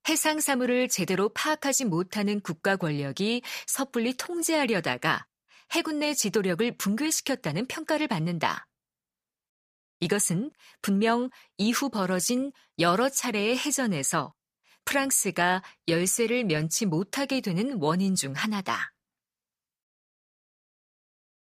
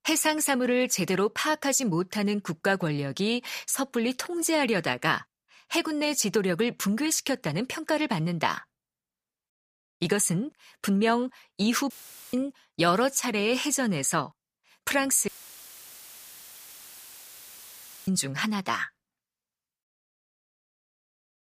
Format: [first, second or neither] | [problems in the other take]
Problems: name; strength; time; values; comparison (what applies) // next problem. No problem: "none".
first | audio cutting out; filled with static; at 12 s and at 15 s for 3 s